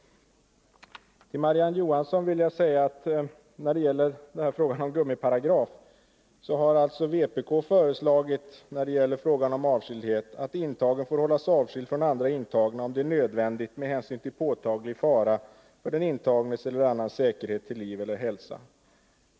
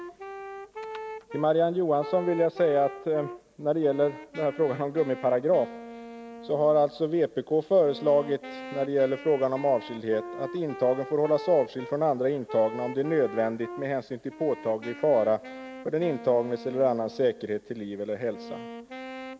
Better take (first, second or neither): first